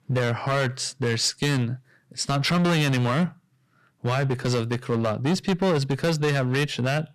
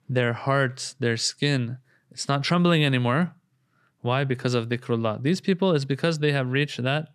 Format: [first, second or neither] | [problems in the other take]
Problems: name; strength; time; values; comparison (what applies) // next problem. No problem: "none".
second | distortion; heavy; 15% of the sound clipped